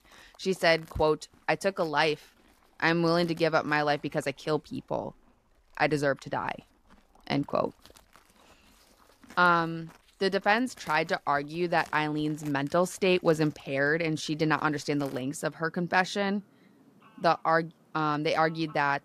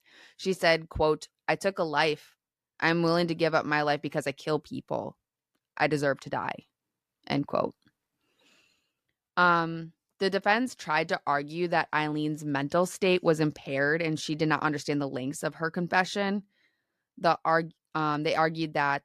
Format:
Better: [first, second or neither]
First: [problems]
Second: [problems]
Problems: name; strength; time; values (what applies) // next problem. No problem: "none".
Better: second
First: animal sounds; faint; throughout; 30 dB below the speech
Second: none